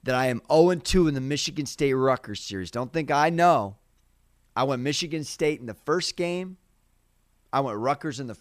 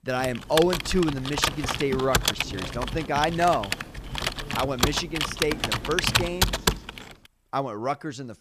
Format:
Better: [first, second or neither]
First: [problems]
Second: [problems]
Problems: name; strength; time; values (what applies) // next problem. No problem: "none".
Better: first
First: none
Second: keyboard typing; loud; until 7 s; peak 5 dB above the speech